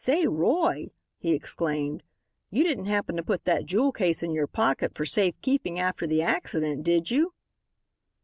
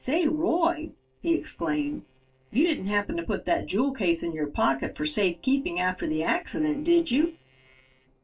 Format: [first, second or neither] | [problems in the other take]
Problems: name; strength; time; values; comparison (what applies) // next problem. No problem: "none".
first | noise reduction (neural separator model SepFormer DNS4)